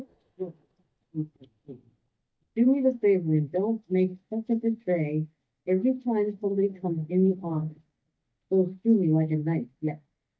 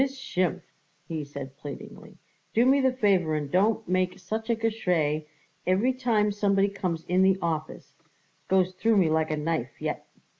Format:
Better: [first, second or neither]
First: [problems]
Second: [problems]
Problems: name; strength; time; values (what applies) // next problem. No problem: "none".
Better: second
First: noise reduction (neural mask model DeepFilterNet 3)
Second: none